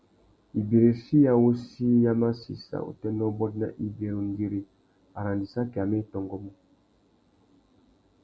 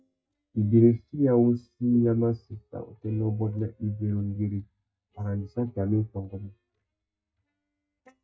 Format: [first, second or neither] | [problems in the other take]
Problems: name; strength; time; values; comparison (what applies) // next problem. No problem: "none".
first | noise reduction (neural mask model DeepFilterNet 3)